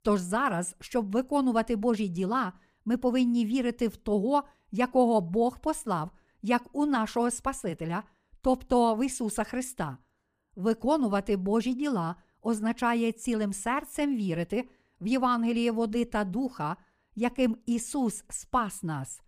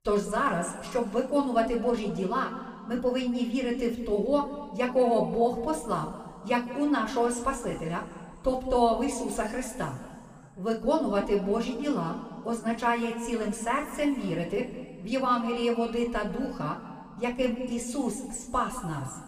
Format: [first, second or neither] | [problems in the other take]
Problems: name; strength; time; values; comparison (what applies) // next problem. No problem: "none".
first | room echo; slight; dies away in 2 s // off-mic speech; somewhat distant